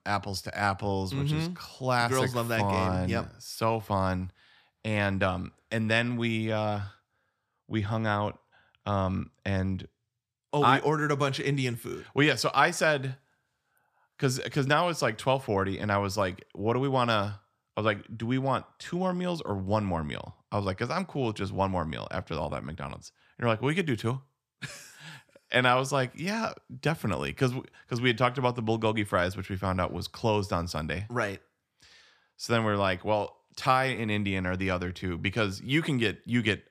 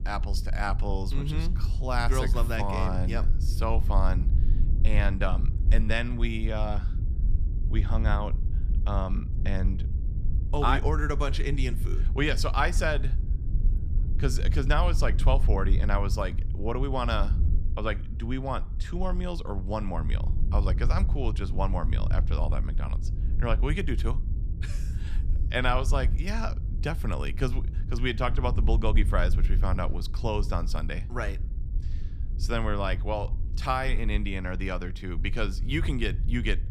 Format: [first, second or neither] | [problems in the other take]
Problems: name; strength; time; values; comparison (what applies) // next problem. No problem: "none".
first | low rumble; noticeable; throughout; 15 dB below the speech